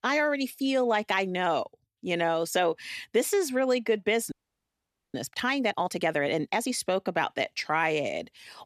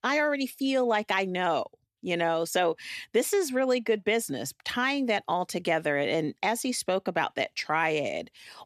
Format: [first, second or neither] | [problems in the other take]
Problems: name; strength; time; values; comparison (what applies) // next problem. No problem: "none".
second | audio freezing; at 4.5 s for 1 s